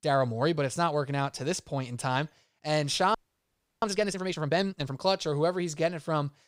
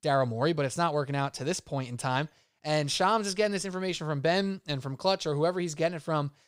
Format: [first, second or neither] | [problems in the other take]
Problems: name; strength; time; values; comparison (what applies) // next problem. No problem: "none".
second | audio freezing; at 3 s for 0.5 s